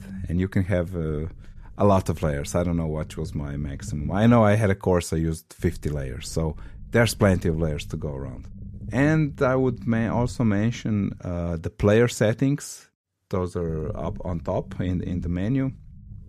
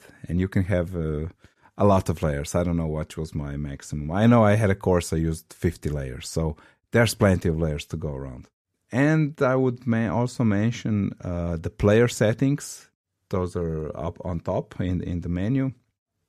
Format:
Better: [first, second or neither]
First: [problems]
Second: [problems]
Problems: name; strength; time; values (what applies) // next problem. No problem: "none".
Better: second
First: low rumble; faint; until 4.5 s, from 5.5 to 11 s and from 14 s on; 25 dB below the speech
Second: none